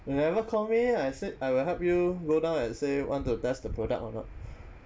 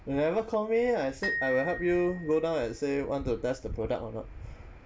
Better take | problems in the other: first | background sound (Glockenspiel); 10 dB below the speech

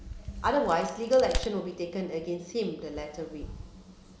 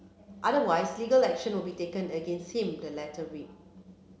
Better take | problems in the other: second | background sound (Crack); 10 dB below the speech

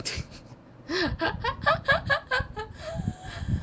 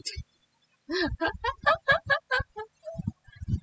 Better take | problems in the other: first | noise reduction (classical method spectral subtraction)

